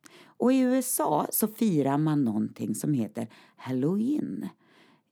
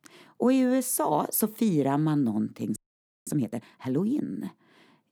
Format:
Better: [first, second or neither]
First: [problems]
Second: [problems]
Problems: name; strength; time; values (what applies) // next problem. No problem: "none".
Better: first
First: none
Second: audio freezing; at 3 s for 0.5 s